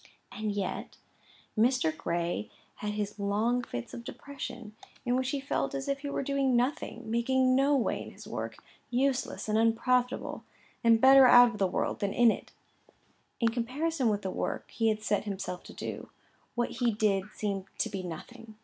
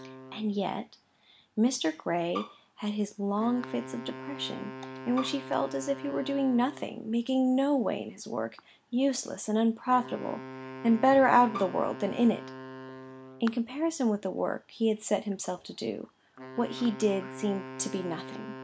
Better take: first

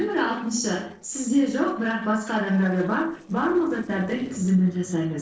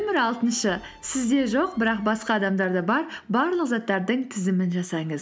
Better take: second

